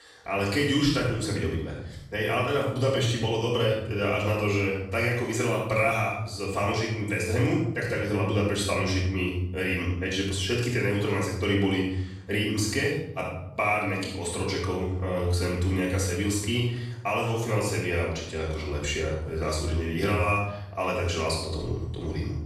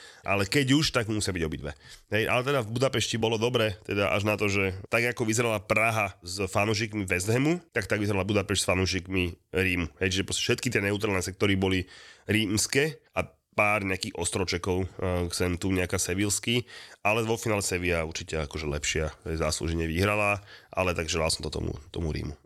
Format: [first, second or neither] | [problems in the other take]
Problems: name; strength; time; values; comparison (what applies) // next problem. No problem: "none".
second | off-mic speech; far // room echo; noticeable; dies away in 1 s